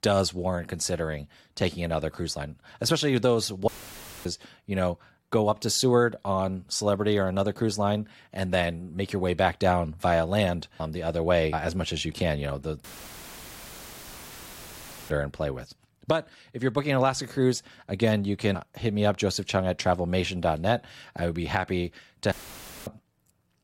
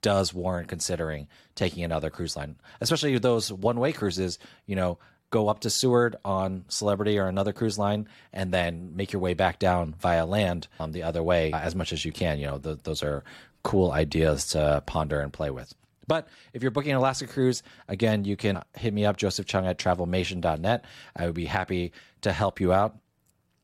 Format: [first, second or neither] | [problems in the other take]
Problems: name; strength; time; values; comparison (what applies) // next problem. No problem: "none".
second | audio cutting out; filled with static; at 3.5 s for 0.5 s, at 13 s for 2.5 s and at 22 s for 0.5 s